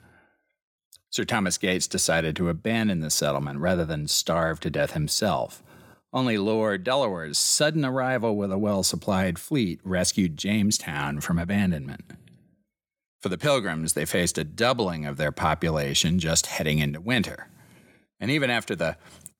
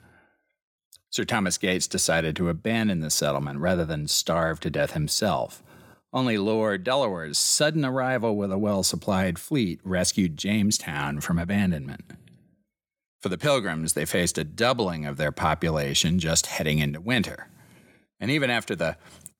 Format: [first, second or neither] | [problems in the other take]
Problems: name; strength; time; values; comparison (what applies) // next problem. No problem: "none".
neither | none